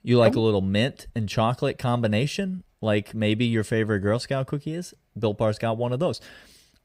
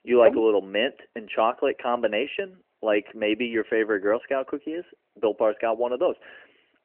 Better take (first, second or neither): first